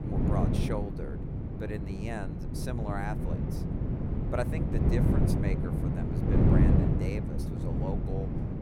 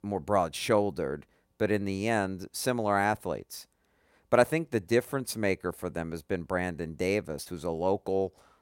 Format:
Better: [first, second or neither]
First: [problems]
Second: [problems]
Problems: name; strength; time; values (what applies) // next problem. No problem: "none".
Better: second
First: wind noise on the microphone; heavy; 2 dB above the speech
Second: none